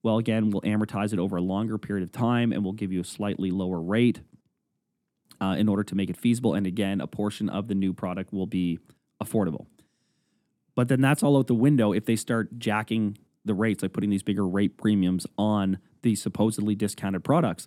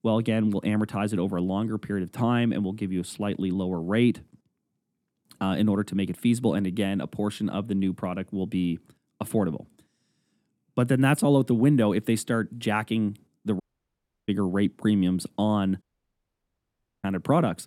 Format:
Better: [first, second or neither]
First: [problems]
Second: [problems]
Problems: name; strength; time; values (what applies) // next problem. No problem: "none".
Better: first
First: none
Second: audio cutting out; at 14 s for 0.5 s and at 16 s for 1 s